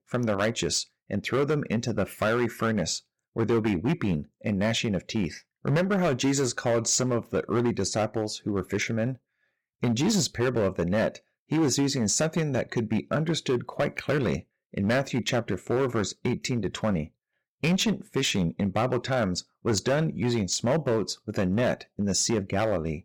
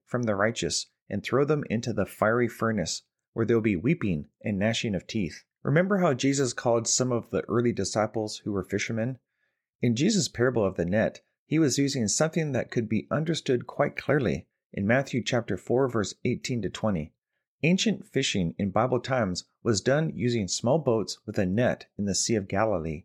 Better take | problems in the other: second | distortion; slight; 9% of the sound clipped

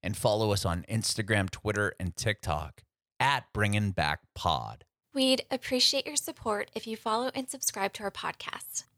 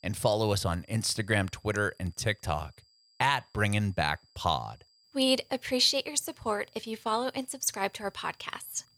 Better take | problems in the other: first | high-pitched whine; faint; throughout; 5 kHz, 30 dB below the speech

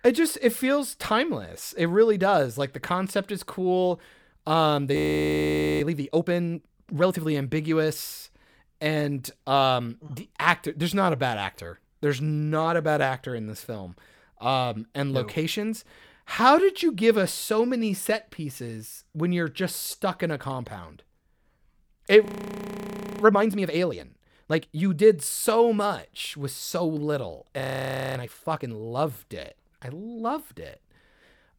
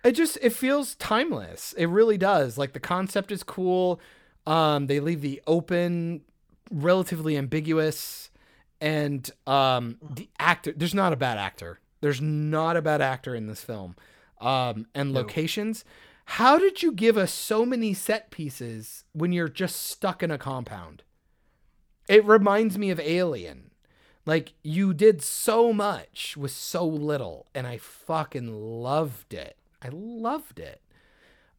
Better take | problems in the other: second | audio freezing; at 5 s for 1 s, at 22 s for 1 s and at 28 s for 0.5 s

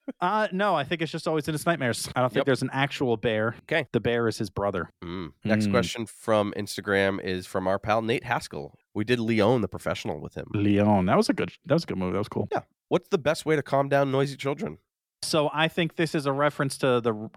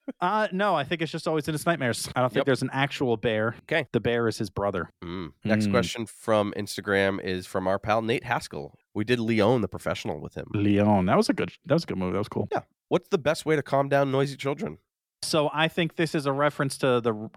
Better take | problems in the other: neither | none

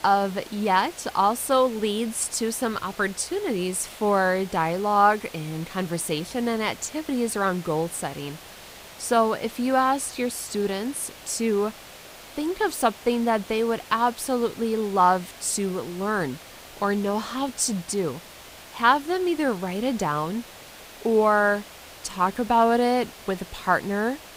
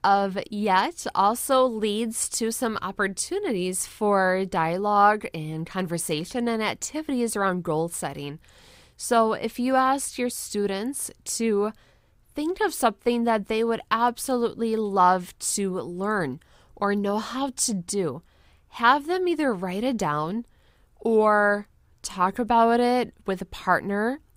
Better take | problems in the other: second | hiss; noticeable; throughout; 20 dB below the speech

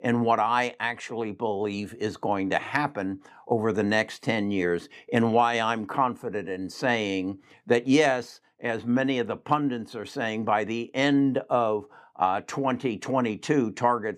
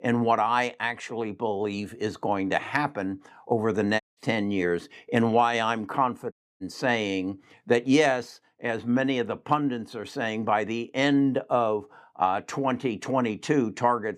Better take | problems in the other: first | audio cutting out; at 4 s and at 6.5 s

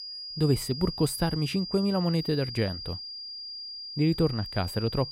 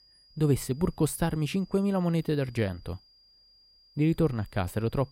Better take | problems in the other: second | high-pitched whine; loud; throughout; 5 kHz, 8 dB below the speech; faint in the second

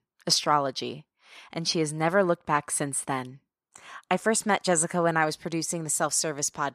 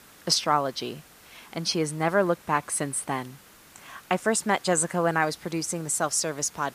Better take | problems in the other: first | hiss; faint; throughout; 25 dB below the speech

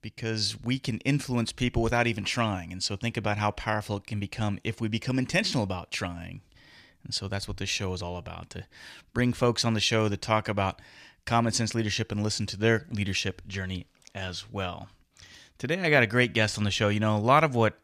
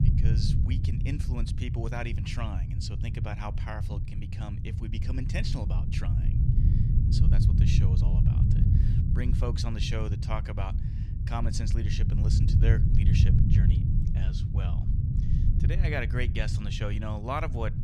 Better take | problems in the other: first | low rumble; loud; throughout; 3 dB below the speech

